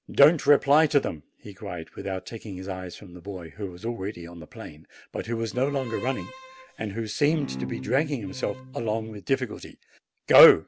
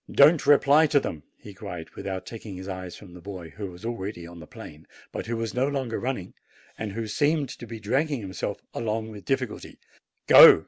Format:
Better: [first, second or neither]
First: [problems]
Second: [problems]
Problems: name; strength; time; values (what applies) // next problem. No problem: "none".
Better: second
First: background sound (Bowed string instrument); 13 dB below the speech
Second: none